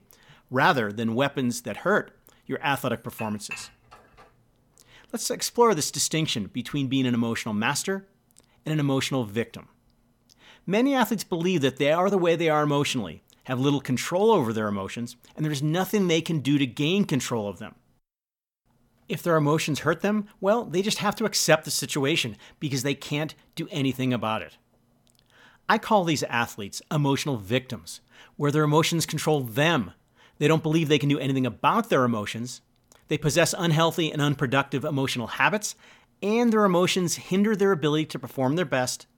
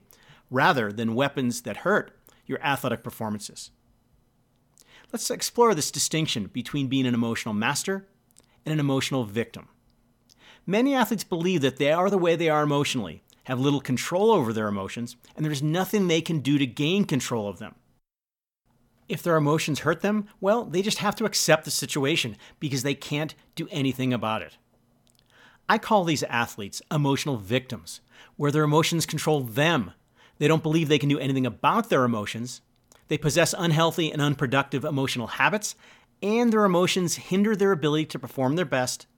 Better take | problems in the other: second | clattering dishes; faint; from 3 to 4 s; peak 15 dB below the speech

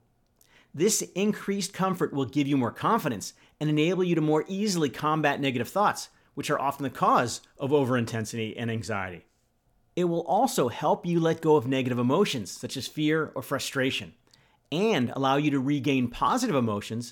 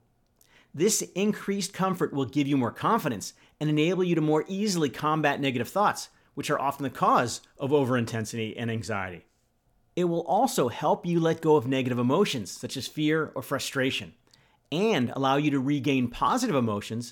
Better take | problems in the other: neither | none

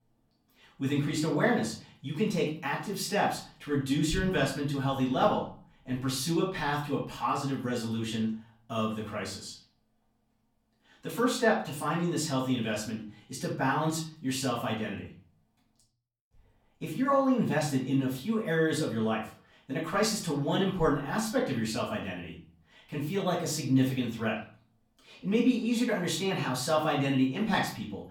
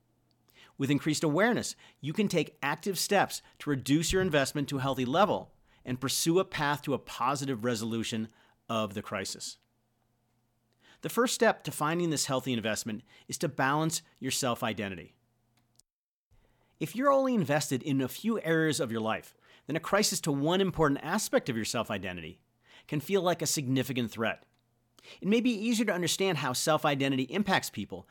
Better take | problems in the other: second | off-mic speech; far // room echo; slight; dies away in 0.4 s

